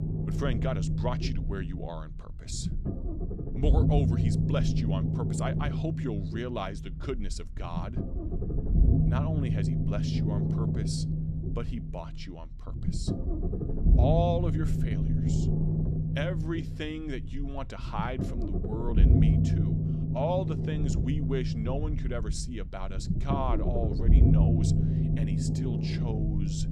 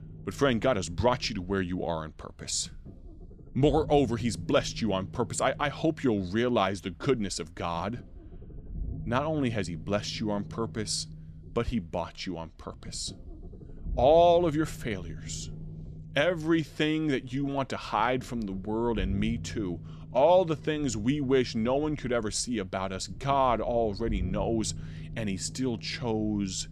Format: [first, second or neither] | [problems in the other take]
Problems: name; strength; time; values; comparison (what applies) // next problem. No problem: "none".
second | low rumble; loud; throughout; 2 dB below the speech; faint in the second